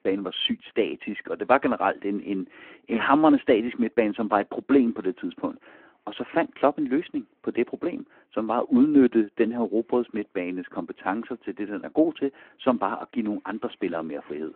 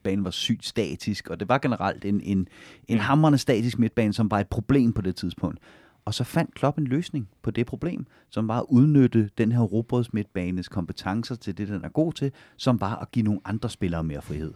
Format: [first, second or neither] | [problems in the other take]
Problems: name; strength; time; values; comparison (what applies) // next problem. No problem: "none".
second | phone-call audio; nothing above 3 kHz